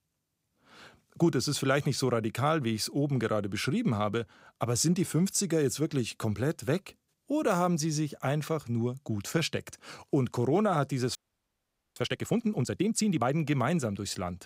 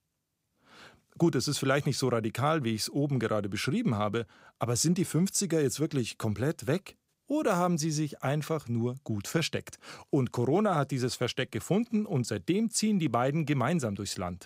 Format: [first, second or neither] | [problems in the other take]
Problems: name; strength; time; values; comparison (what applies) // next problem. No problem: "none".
second | audio freezing; at 11 s for 1 s